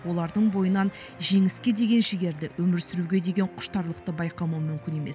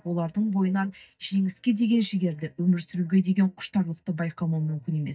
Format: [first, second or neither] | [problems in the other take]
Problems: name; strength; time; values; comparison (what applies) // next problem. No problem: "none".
first | noise reduction (neural mask model DeepFilterNet 3)